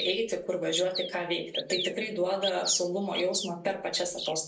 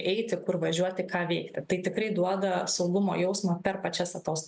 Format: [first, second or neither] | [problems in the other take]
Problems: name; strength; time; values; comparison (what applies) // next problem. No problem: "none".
second | background sound (Bird vocalization, bird call, bird song); 9 dB below the speech // room echo; dies away in 0.2 s